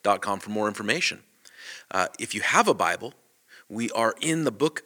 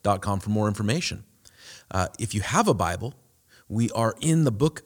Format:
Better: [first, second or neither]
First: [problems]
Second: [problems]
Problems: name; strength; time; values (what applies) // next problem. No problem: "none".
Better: second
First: thin; somewhat; fading below 300 Hz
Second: none